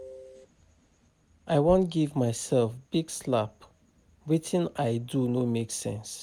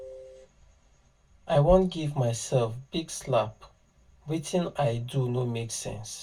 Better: first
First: none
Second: room echo; dies away in 0.1 s

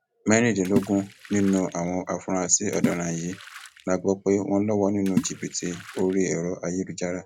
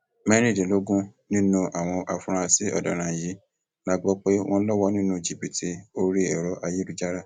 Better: second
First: background sound (Water / Splash, splatter); 9 dB below the speech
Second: none

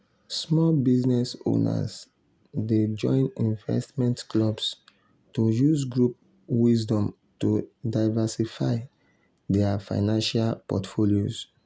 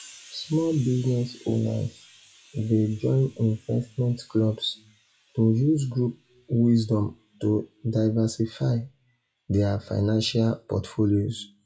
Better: first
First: none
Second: noise reduction (classical method WPE with log-MMSE)

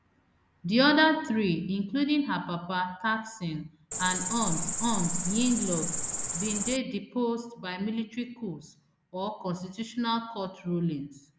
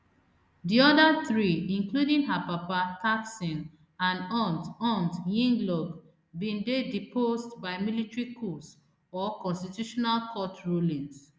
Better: second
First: background sound (Cricket); 1 dB below the speech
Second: none

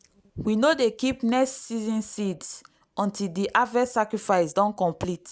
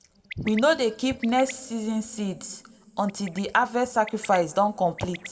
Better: first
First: none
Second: background sound (Bird); 19 dB below the speech // room echo; dies away in 1 s

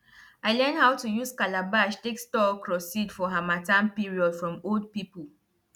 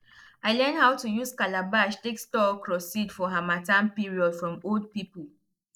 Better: first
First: none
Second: noise reduction (neural mask model Resemble Enhance denoiser)

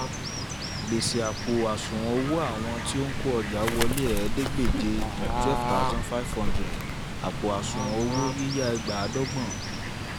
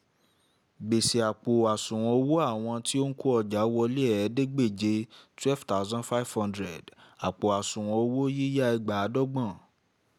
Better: second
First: background sound (Bird / Fowl); 1 dB above the speech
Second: none

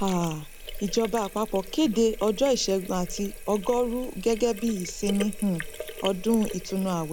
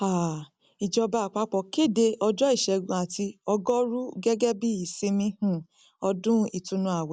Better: second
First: background sound (Sink (filling or washing)); 11 dB below the speech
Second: none

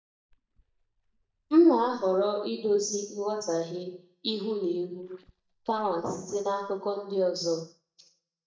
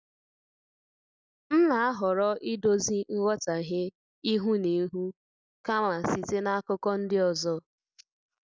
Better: second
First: noise reduction (neural mask model DeepFilterNet 3)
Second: none

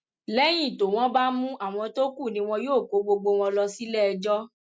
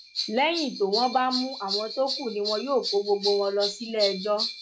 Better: first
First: none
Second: noise reduction (classical method log-MMSE)

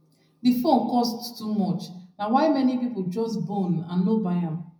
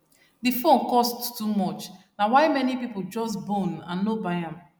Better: second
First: room echo; dies away in 0.4 s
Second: none

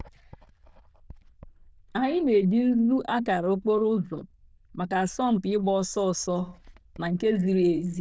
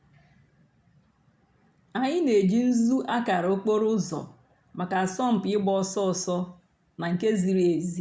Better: second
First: noise reduction (neural diffusion model UNIVERSE++)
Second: none

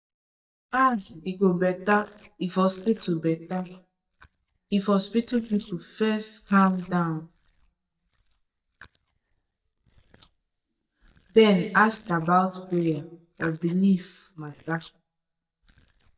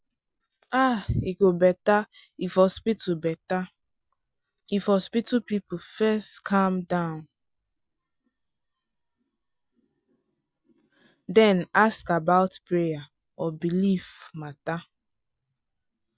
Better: second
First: noise reduction (neural mask model DeepFilterNet 3)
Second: none

